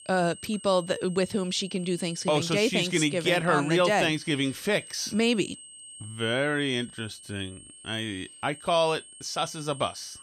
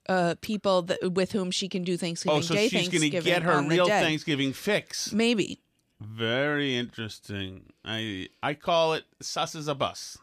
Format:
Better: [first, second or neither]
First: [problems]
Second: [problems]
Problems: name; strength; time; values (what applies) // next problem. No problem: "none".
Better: second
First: high-pitched whine; noticeable; throughout; 8.5 kHz, 15 dB below the speech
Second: none